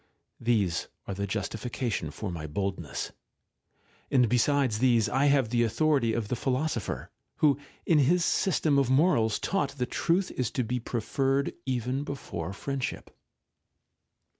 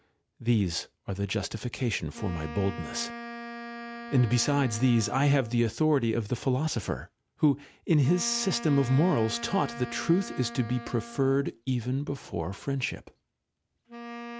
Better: first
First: none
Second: background sound (Wind instrument, woodwind instrument); 15 dB below the speech

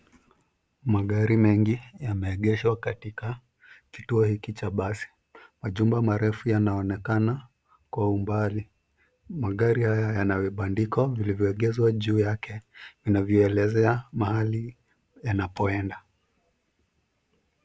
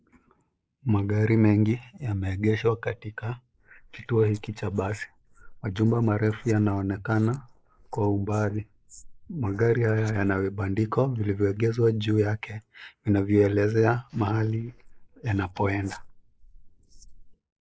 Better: first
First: none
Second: noise reduction (neural mask model Resemble Enhance denoiser)

